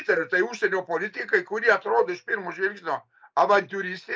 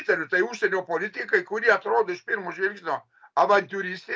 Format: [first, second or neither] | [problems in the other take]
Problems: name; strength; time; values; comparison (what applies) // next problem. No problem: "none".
second | noise reduction (neural mask model Resemble Enhance denoiser)